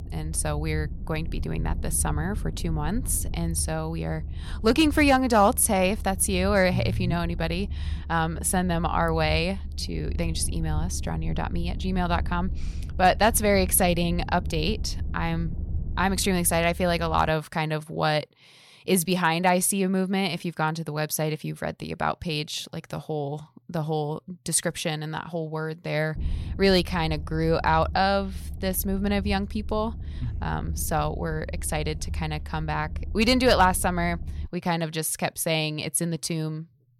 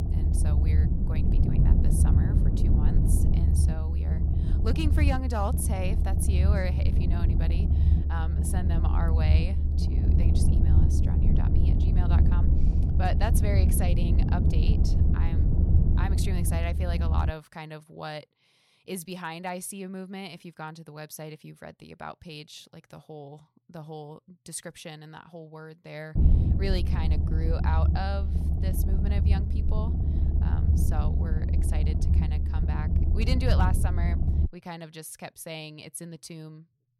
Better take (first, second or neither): first